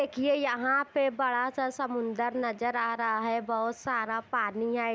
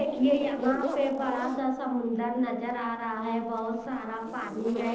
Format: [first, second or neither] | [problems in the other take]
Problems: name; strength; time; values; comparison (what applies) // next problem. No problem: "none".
first | noise reduction (neural separator model SepFormer DNS4)